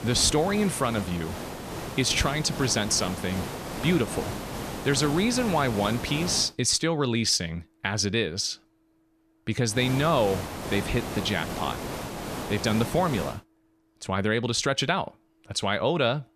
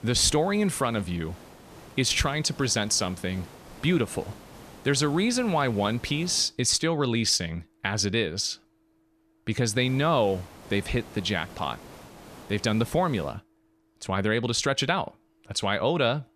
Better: second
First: hiss; loud; until 6.5 s and from 10 to 13 s; 9 dB below the speech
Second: hiss; faint; until 6.5 s and from 10 to 13 s; 20 dB below the speech

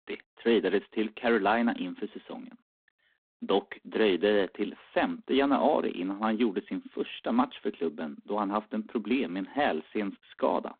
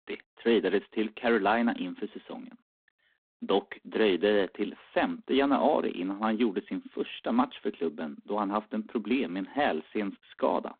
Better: neither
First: phone-call audio; poor line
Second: phone-call audio; poor line

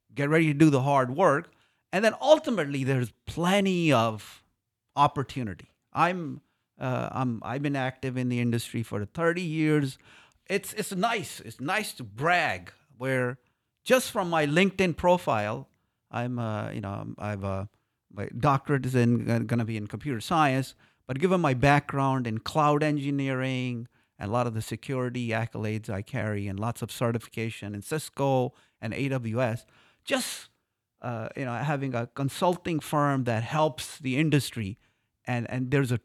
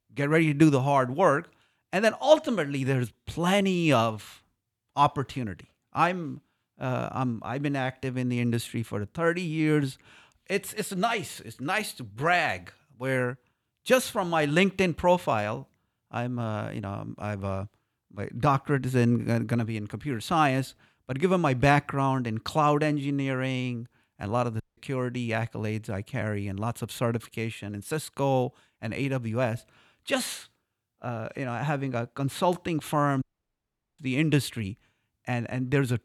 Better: first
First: none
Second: audio cutting out; at 25 s and at 33 s for 1 s

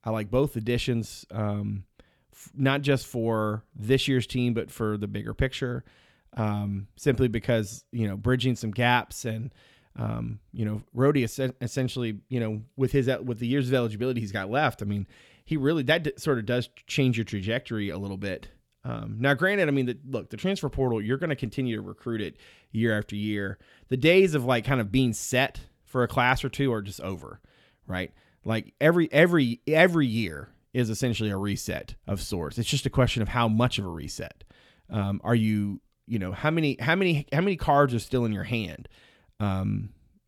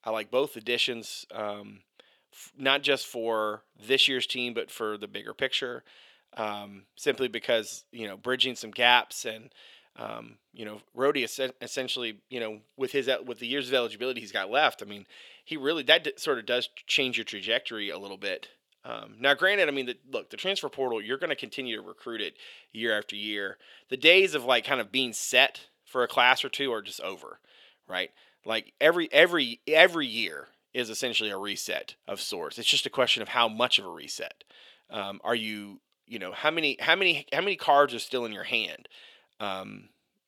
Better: first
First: none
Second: thin; very; fading below 500 Hz

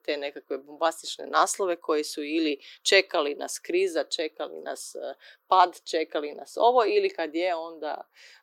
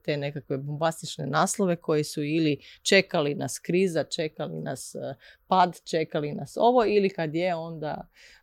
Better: second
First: thin; somewhat; fading below 300 Hz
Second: none

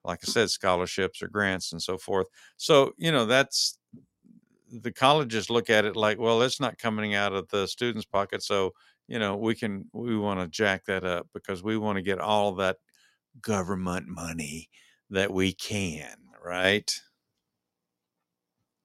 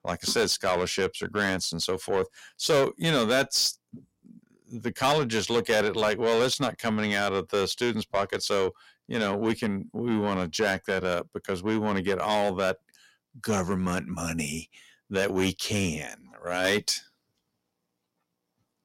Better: first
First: none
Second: distortion; heavy; 8 dB below the speech

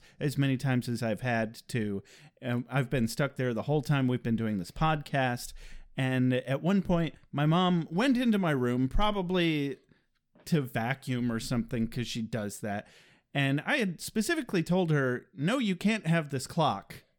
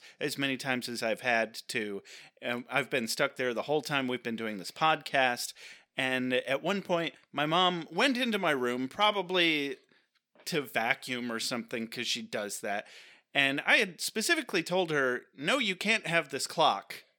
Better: first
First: none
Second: thin; somewhat; fading below 400 Hz

